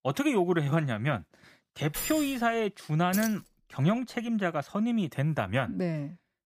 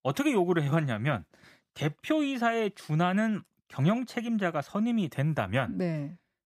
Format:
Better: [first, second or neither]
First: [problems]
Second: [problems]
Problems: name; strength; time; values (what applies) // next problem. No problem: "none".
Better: second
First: jangling keys; noticeable; at 2 s and at 3 s; peak 5 dB below the speech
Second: none